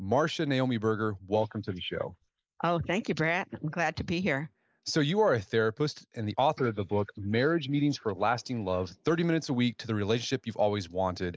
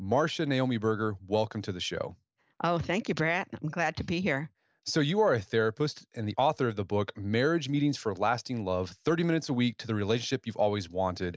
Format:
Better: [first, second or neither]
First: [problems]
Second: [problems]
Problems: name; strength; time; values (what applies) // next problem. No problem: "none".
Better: second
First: noise reduction (neural mask model Resemble Enhance denoiser)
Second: none